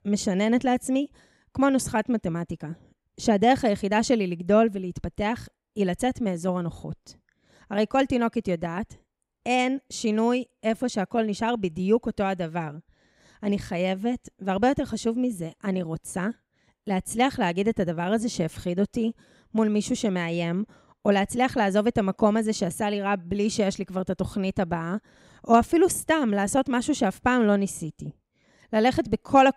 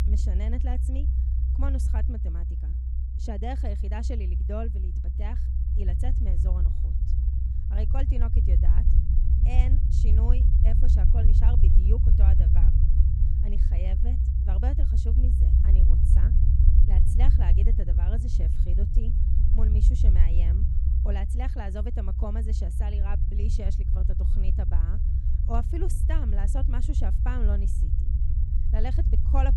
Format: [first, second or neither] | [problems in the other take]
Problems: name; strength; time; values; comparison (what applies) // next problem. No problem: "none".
first | low rumble; loud; throughout; 2 dB below the speech